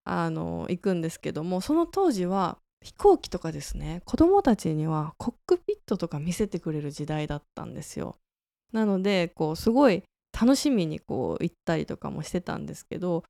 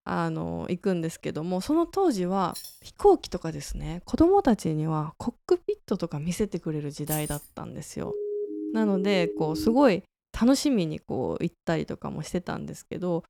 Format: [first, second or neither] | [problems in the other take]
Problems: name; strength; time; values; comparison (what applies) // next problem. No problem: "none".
first | jangling keys; faint; at 2.5 s; peak 15 dB below the speech // jangling keys; noticeable; at 7 s; peak 6 dB below the speech // siren; noticeable; from 8 to 10 s; peak 4 dB below the speech